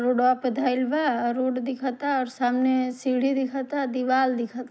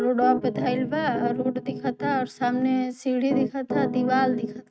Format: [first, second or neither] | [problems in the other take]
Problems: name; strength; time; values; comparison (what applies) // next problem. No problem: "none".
first | noise reduction (neural mask model RNNoise)